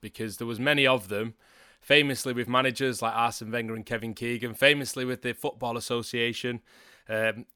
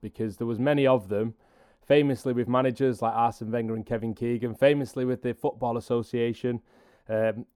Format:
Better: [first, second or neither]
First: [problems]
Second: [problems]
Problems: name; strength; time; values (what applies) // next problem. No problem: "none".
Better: first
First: none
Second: muffled; slightly; fading above 1 kHz